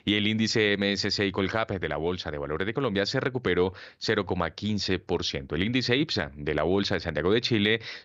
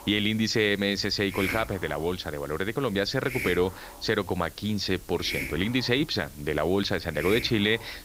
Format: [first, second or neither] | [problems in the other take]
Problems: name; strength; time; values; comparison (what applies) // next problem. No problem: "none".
first | hiss; noticeable; throughout; 10 dB below the speech